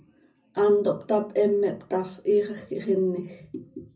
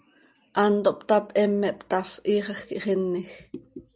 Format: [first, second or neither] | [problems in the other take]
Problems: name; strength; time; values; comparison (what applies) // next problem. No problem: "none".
second | room echo; dies away in 0.4 s